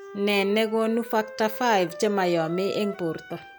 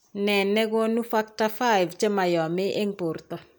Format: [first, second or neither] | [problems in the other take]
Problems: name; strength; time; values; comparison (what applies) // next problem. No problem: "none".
second | background sound (Wind instrument, woodwind instrument); 15 dB below the speech